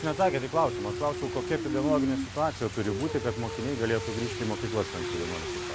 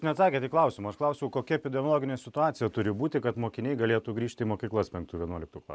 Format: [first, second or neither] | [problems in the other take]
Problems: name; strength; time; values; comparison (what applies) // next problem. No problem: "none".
second | background sound (Rain); 4 dB below the speech